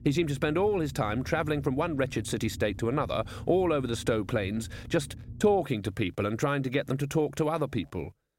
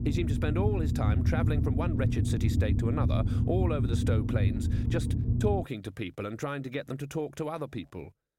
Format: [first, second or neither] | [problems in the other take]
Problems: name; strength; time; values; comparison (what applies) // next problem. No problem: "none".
first | low rumble; loud; until 5.5 s; 4 dB below the speech; faint in the first